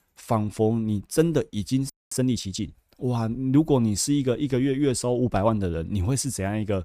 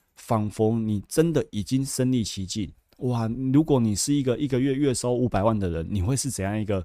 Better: second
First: audio freezing; at 2 s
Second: none

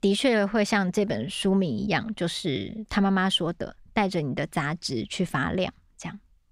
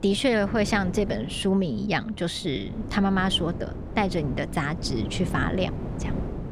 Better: first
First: none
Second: wind noise on the microphone; occasional gusts; 15 dB below the speech

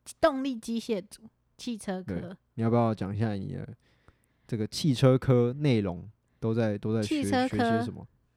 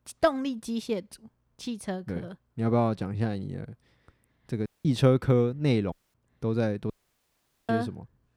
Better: first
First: none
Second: audio cutting out; at 4.5 s, at 6 s and at 7 s for 1 s

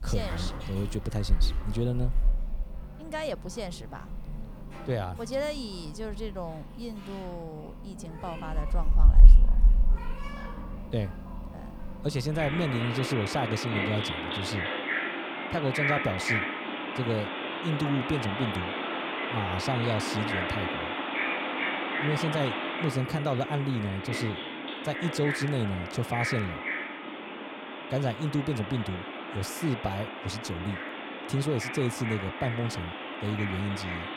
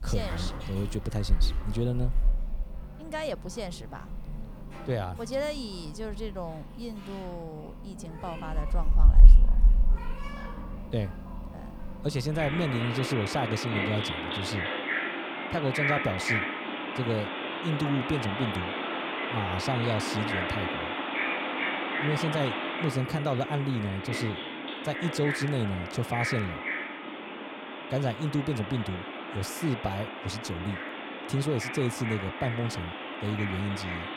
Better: neither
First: animal sounds; very loud; throughout; 1 dB above the speech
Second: animal sounds; very loud; throughout; 1 dB above the speech

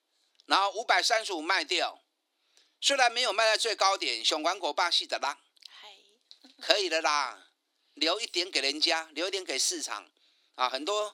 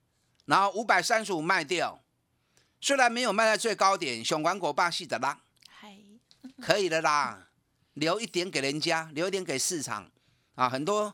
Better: second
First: thin; somewhat; fading below 300 Hz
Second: none

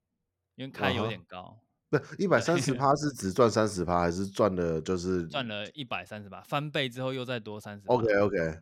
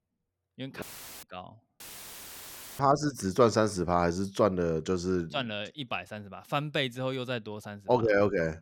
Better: first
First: none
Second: audio cutting out; filled with static; at 1 s and at 2 s for 1 s

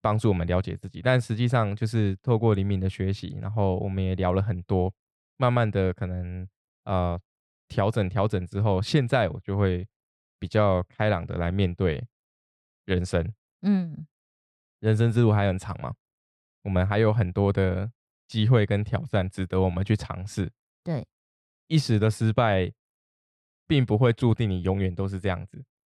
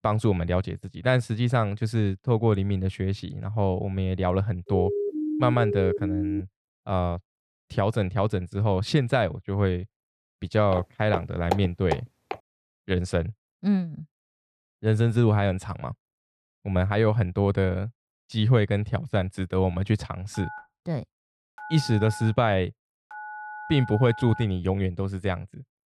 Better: first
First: none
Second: siren; noticeable; from 4.5 to 6.5 s; peak 2 dB below the speech // footsteps; noticeable; from 11 to 12 s; peak 5 dB below the speech // phone ringing; faint; from 20 to 24 s; peak 10 dB below the speech

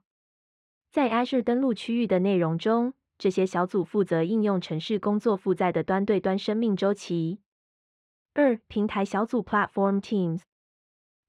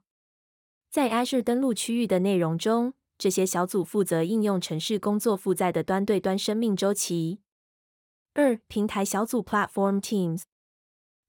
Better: second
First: muffled; slightly; fading above 2.5 kHz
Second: none

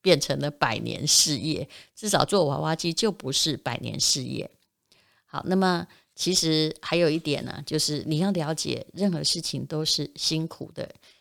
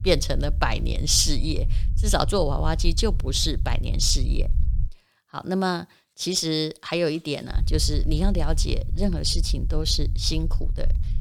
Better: first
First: none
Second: low rumble; faint; until 5 s and from 7.5 s on; 20 dB below the speech

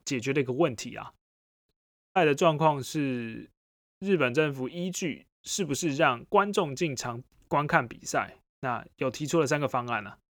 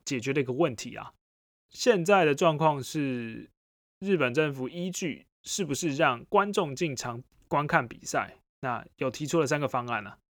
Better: second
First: audio cutting out; at 1.5 s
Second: none

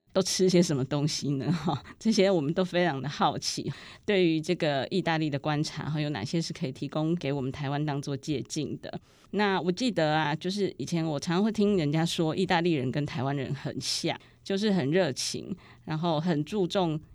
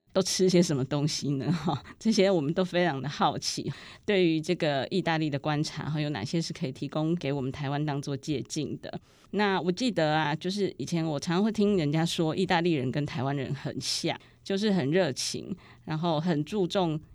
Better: neither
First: none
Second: none

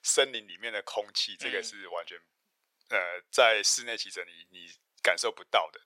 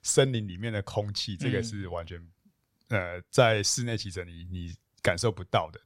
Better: second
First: thin; very; fading below 500 Hz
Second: none

